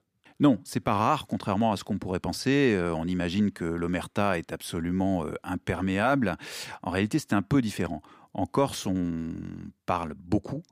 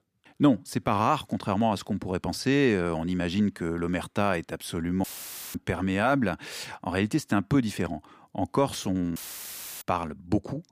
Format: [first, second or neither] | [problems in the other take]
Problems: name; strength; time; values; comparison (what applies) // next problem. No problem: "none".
first | audio cutting out; filled with static; at 5 s for 0.5 s and at 9 s for 0.5 s